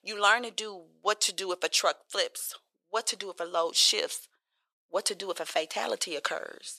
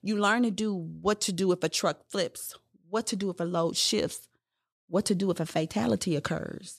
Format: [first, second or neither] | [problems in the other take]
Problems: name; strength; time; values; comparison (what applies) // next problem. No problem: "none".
second | thin; very; fading below 550 Hz